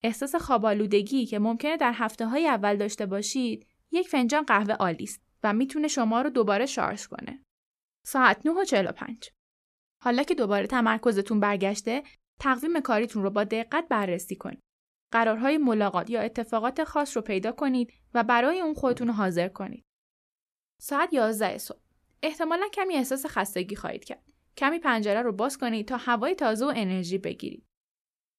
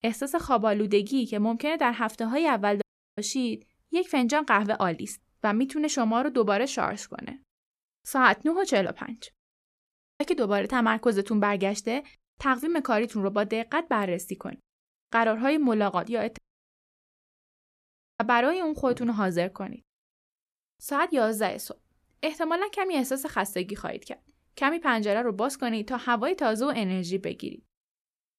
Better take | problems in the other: first | audio cutting out; at 3 s, at 10 s and at 16 s for 2 s

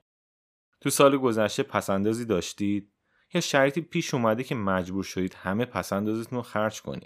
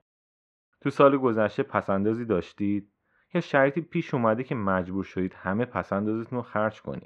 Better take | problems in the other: first | muffled; very; fading above 1.5 kHz

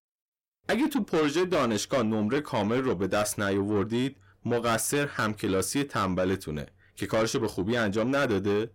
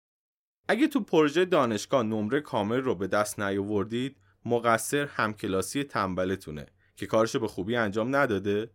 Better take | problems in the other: second | distortion; heavy; 8 dB below the speech

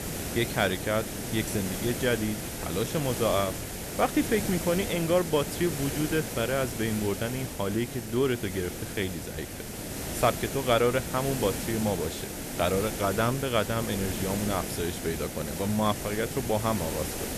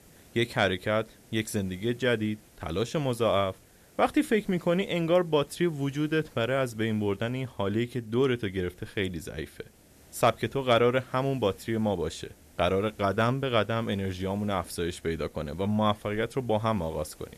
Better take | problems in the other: second | hiss; loud; throughout; 5 dB below the speech; faint in the second

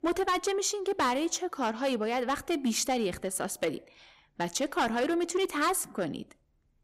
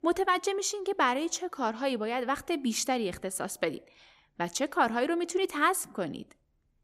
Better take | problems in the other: second | distortion; slight; 7% of the sound clipped

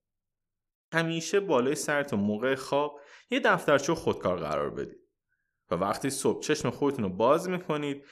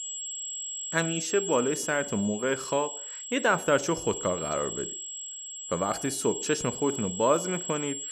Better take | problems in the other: first | high-pitched whine; loud; throughout; 7.5 kHz, 6 dB below the speech

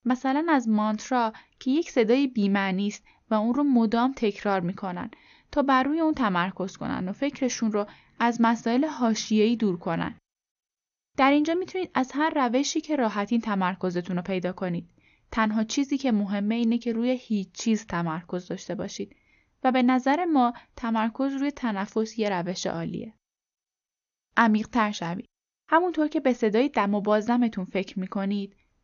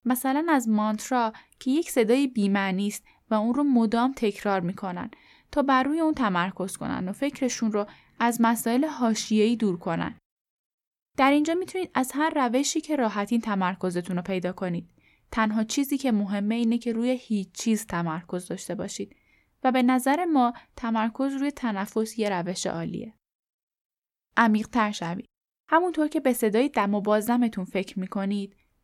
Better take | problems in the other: second | garbled, watery; slightly; nothing above 6.5 kHz

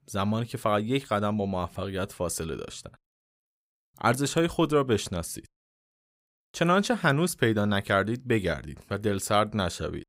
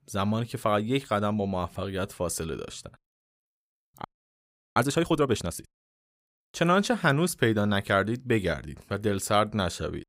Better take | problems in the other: first | audio freezing; at 4 s for 0.5 s

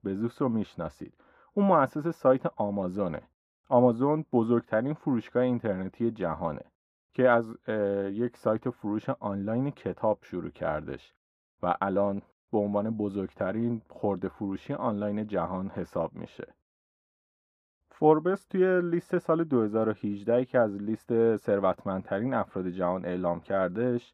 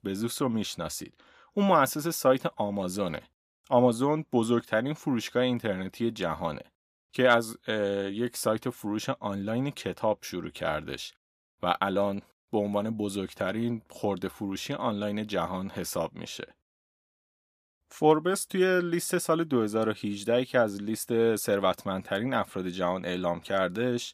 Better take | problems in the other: second | muffled; very; fading above 3 kHz

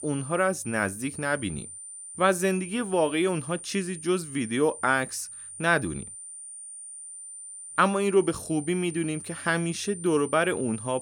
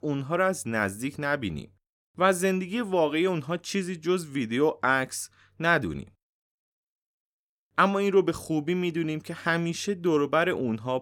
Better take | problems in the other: second | high-pitched whine; noticeable; throughout; 9 kHz, 10 dB below the speech

